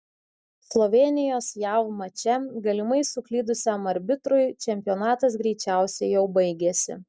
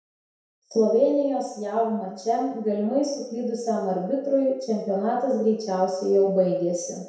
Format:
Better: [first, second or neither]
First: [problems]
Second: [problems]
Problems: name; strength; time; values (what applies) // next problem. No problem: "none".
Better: first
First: none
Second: room echo; dies away in 0.7 s